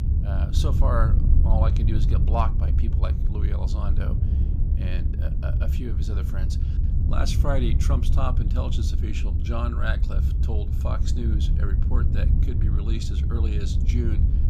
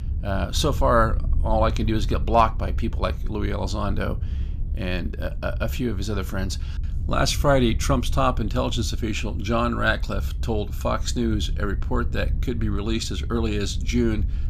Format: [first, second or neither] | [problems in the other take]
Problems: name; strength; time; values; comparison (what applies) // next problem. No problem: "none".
second | low rumble; loud; throughout; 5 dB below the speech; faint in the second